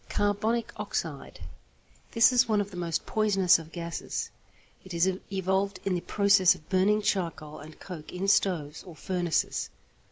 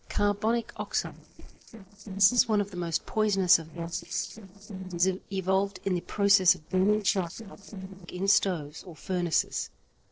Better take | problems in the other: first | noise reduction (neural separator model SepFormer DNS4)

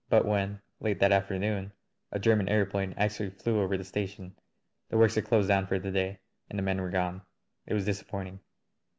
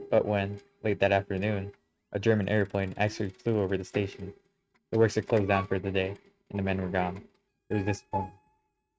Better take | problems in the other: first | noise reduction (neural mask model RNNoise)

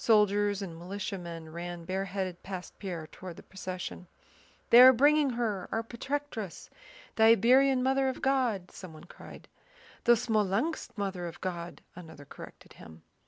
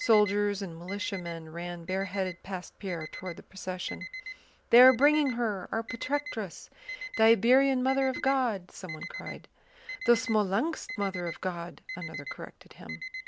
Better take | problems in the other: first | background sound (Alarm); 13 dB below the speech

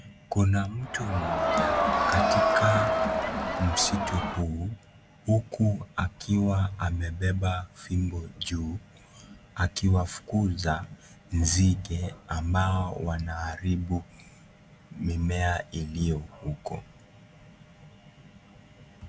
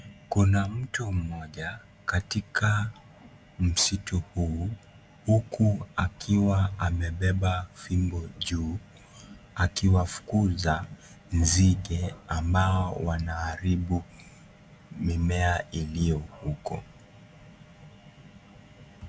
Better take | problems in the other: second | background sound (Crowd); 3 dB above the speech

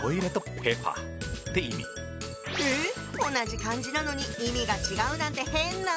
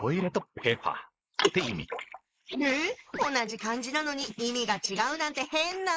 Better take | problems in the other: first | noise reduction (neural mask model Resemble Enhance denoiser)

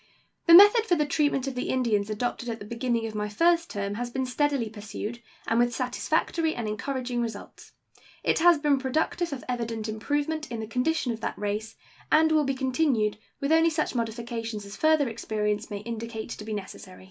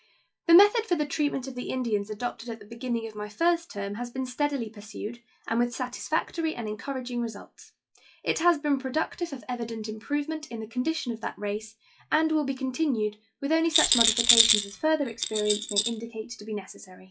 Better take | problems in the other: first | noise reduction (classical method log-MMSE)

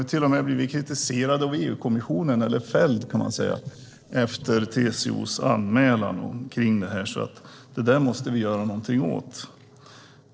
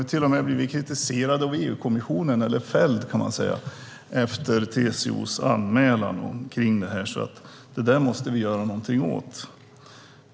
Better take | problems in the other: second | noise reduction (neural separator model SepFormer DNS4)

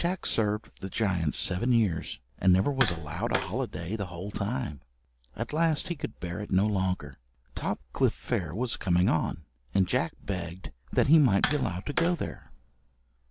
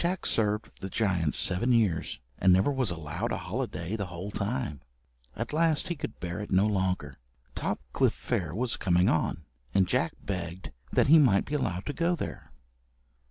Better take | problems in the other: second | background sound (Tap); 9 dB below the speech

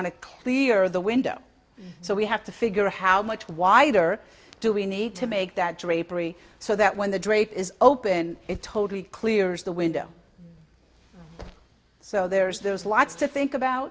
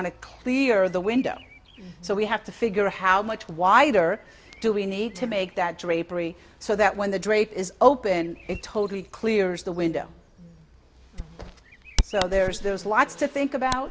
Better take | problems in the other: first | background sound (Bird vocalization, bird call, bird song); 13 dB below the speech

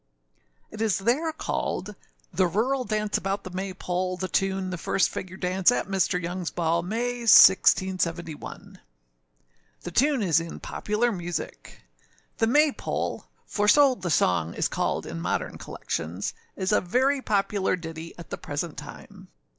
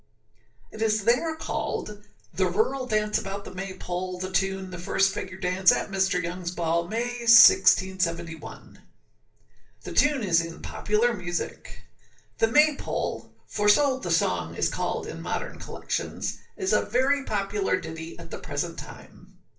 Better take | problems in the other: first | room echo; dies away in 0.3 s

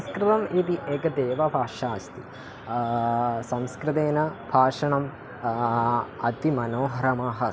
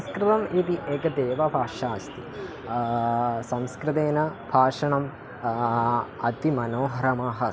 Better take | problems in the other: first | background sound (Subway, metro, underground); 16 dB below the speech

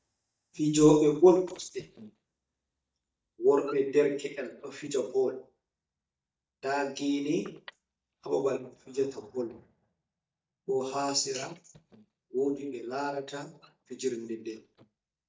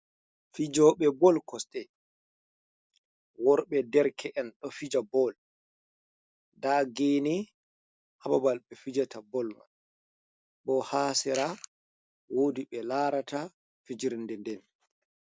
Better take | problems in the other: second | noise reduction (neural mask model DeepFilterNet 3)

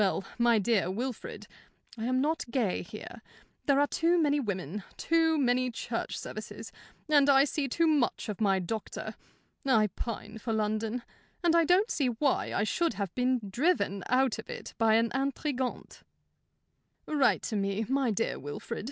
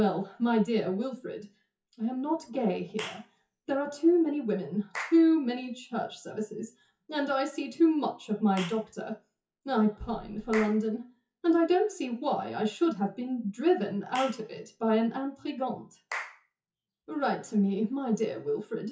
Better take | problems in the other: first | noise reduction (classical method WPE with log-MMSE)

